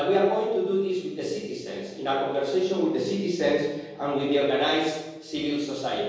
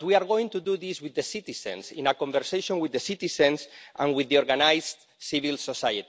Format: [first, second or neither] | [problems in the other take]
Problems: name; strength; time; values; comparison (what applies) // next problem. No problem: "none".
second | room echo; dies away in 1.3 s